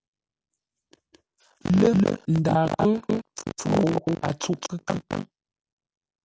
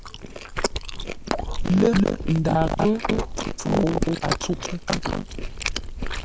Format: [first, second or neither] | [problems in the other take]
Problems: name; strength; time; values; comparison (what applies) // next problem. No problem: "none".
first | background sound (Chewing, mastication); 4 dB below the speech